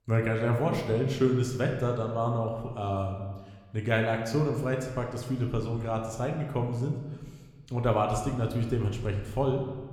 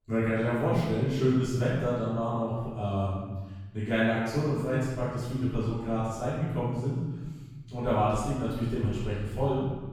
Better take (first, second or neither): first